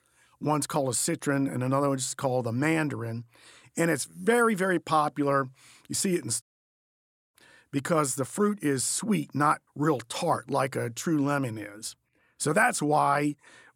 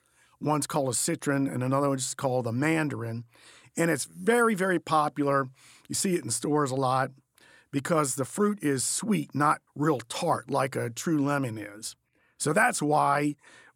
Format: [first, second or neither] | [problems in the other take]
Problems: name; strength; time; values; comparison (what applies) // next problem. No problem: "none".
second | audio cutting out; at 6.5 s for 1 s